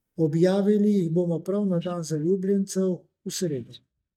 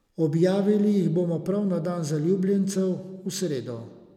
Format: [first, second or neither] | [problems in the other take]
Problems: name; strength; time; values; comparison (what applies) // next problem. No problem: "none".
second | noise reduction (neural mask model DeepFilterNet 3)